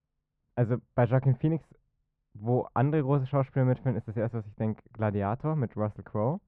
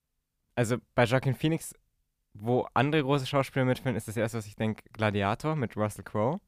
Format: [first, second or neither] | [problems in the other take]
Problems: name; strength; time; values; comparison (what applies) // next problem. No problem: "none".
second | muffled; very; fading above 1 kHz